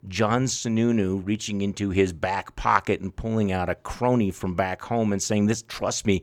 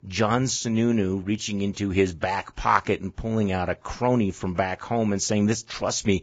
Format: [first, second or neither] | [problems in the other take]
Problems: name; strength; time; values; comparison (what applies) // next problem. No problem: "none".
first | garbled, watery; badly; nothing above 7.5 kHz